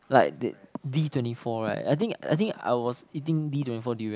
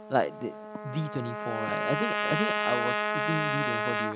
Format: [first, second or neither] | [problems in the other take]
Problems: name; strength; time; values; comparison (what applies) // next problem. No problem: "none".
first | background sound (Trumpet); 2 dB above the speech